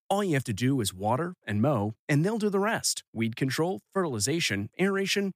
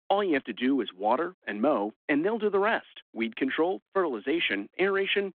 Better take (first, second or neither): first